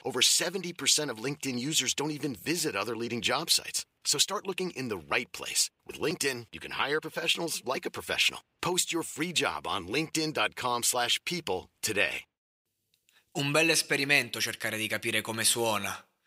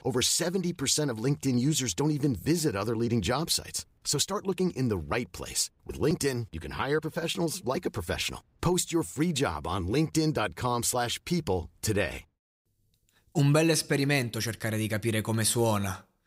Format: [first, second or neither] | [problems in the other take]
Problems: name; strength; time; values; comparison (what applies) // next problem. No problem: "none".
second | thin; somewhat; fading below 1 kHz